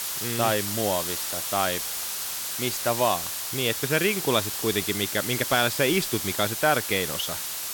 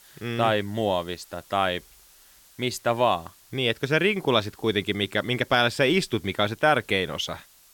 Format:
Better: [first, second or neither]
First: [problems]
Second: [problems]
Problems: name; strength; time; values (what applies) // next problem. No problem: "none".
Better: second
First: hiss; loud; throughout; 2 dB below the speech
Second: hiss; faint; throughout; 25 dB below the speech